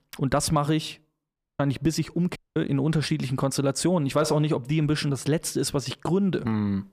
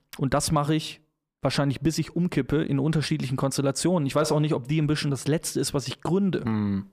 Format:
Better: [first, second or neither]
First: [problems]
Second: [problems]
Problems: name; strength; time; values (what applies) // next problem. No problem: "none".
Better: second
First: audio cutting out; at 1.5 s and at 2.5 s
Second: none